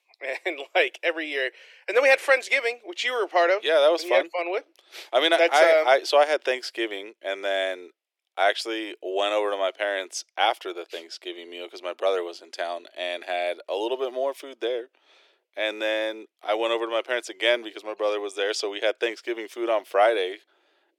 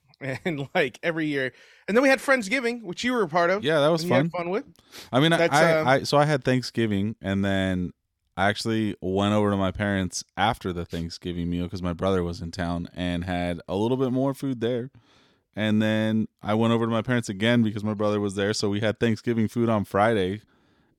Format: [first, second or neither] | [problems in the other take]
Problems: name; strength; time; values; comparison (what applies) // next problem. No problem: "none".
second | thin; very; fading below 350 Hz